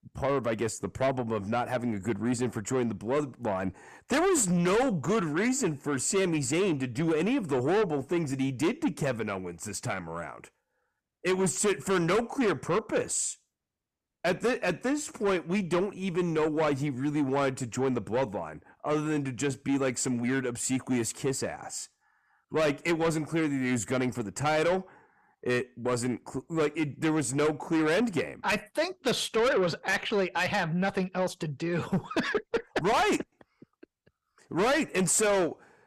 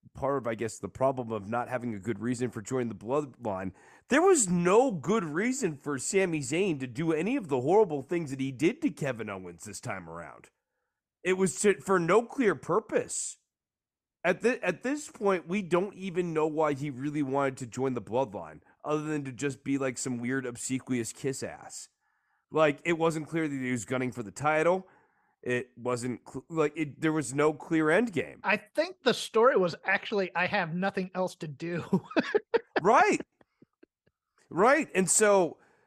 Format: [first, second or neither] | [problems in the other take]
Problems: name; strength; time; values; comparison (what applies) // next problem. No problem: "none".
second | distortion; heavy; 7 dB below the speech